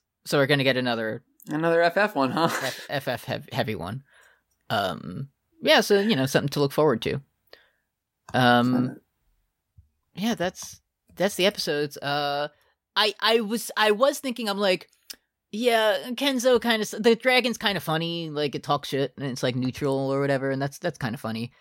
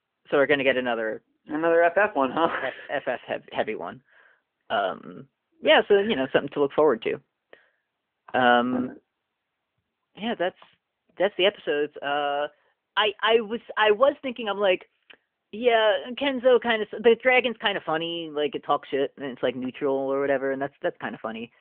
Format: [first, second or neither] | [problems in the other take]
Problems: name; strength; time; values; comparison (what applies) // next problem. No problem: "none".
first | phone-call audio; nothing above 3.5 kHz